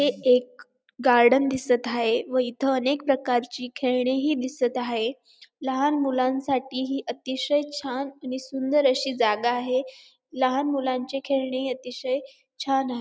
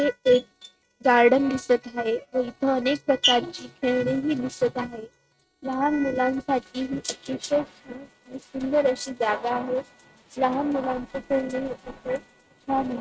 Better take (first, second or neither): first